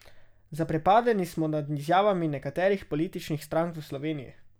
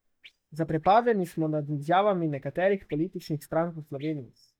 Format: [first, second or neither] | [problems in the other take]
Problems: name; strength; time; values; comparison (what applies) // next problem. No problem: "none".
first | noise reduction (neural mask model DeepFilterNet 3)